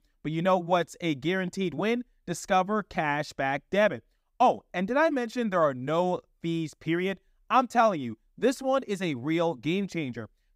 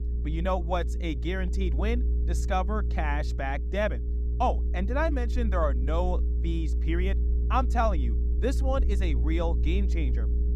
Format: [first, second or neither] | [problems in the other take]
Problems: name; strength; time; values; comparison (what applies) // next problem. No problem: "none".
first | low rumble; noticeable; throughout; 15 dB below the speech